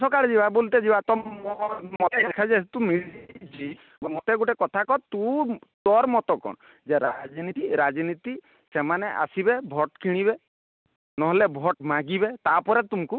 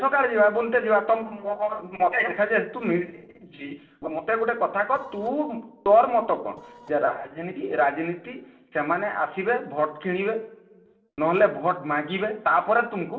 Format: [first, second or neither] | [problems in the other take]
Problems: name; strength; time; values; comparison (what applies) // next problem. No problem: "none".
first | noise reduction (neural separator model SepFormer DNS4)